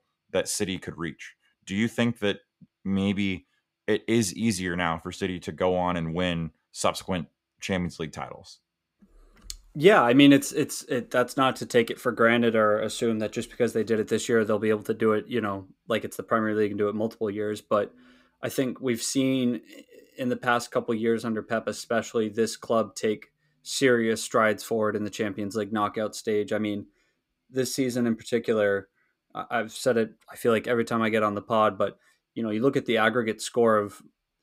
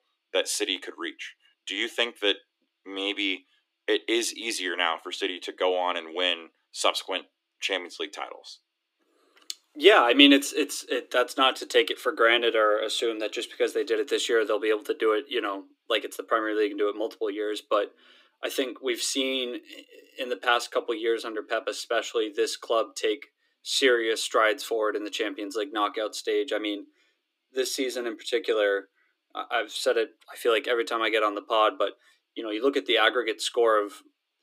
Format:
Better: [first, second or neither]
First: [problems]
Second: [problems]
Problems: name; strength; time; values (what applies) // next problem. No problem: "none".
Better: first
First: none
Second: thin; very slightly; fading below 300 Hz